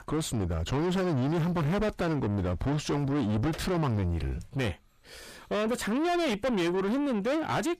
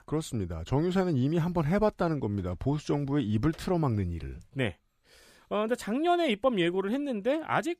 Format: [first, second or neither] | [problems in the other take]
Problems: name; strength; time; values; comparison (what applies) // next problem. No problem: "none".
second | distortion; heavy; 6 dB below the speech